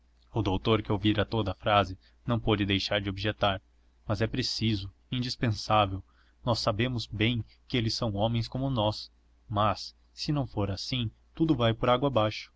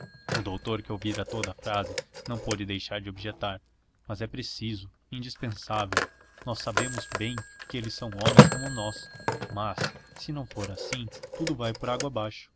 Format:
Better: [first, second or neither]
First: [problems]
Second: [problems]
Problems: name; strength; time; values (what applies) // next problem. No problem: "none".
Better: first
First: none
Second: background sound (Telephone); 4 dB above the speech